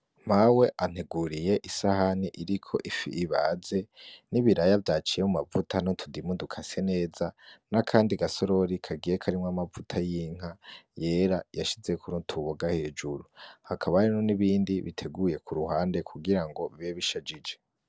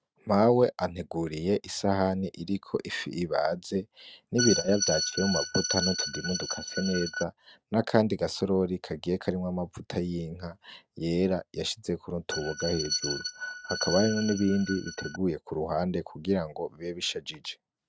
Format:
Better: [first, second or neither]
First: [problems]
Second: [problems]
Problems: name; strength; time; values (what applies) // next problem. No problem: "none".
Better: first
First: none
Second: noise reduction (neural mask model RNNoise)